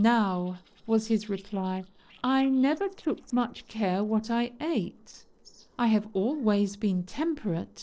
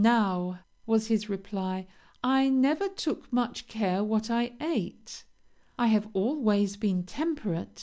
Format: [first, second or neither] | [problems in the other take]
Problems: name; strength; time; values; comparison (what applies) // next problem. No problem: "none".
second | noise reduction (neural separator model SepFormer DNS4)